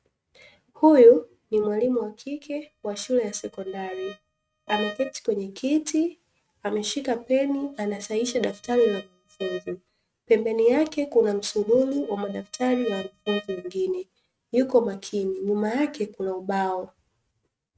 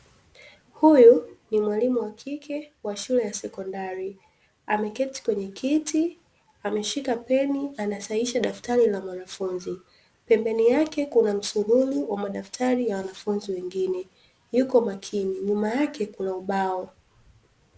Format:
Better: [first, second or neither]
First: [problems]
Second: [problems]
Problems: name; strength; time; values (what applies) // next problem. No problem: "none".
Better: second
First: noise reduction (neural mask model RNNoise)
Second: none